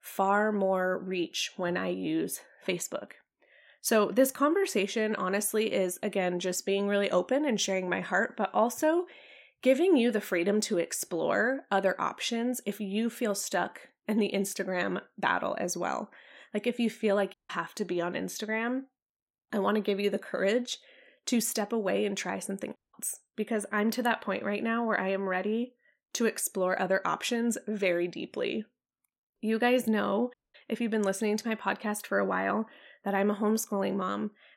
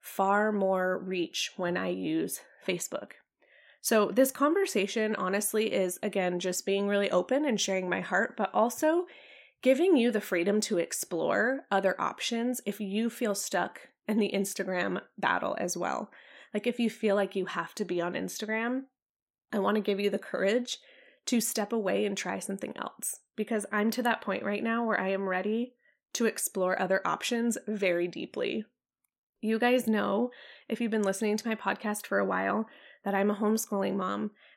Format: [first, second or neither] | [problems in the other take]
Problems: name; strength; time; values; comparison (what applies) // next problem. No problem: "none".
second | audio cutting out; at 17 s, at 23 s and at 30 s